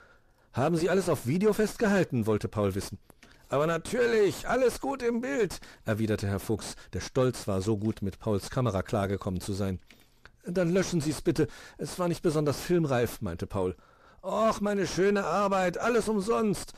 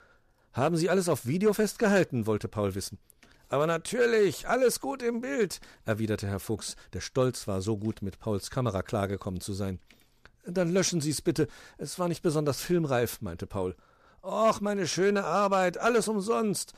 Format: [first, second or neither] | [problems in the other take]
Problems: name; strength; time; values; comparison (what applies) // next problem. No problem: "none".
second | distortion; slight; 8 dB below the speech